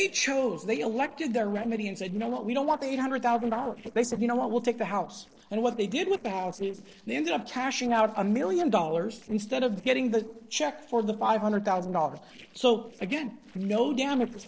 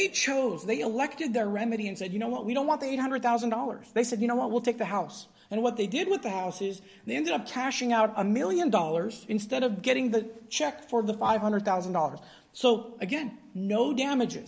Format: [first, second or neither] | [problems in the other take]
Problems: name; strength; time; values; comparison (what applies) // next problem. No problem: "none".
second | noise reduction (neural separator model SepFormer DNS4)